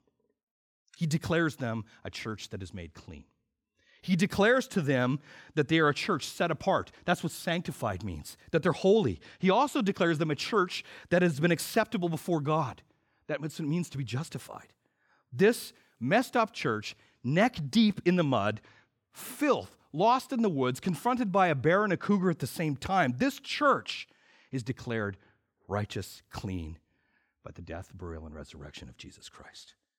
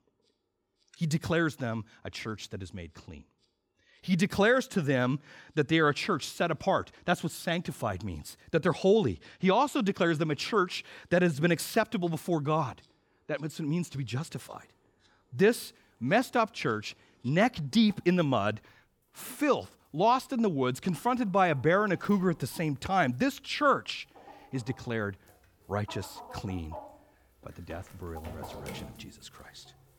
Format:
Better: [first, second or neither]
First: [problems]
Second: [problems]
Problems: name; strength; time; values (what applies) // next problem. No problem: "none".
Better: first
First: none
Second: animal sounds; faint; throughout; 20 dB below the speech